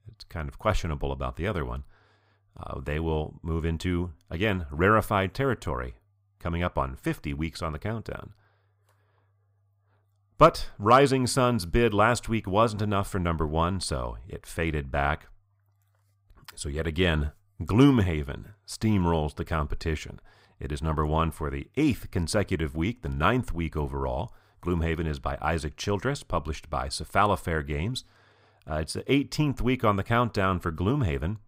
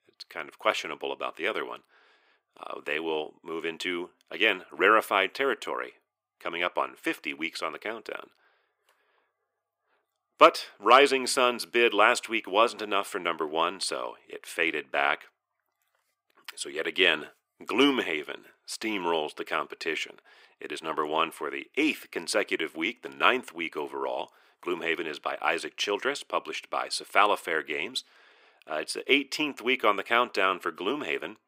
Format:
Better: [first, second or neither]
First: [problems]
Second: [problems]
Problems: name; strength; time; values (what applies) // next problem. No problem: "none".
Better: first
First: none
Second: thin; somewhat; fading below 350 Hz